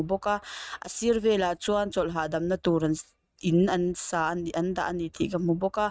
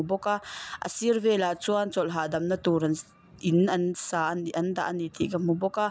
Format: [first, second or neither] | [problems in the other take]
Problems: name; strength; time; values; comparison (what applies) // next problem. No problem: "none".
second | noise reduction (neural mask model RNNoise)